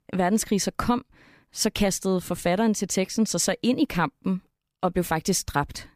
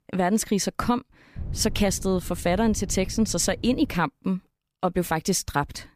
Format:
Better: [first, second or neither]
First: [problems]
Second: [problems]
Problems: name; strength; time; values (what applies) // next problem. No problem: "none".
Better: first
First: none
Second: wind noise on the microphone; occasional gusts; from 1.5 to 4 s; 25 dB below the speech